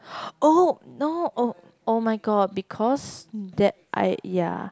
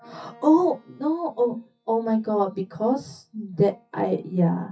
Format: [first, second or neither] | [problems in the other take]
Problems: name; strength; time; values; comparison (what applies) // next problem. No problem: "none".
first | noise reduction (classical method WPE with log-MMSE)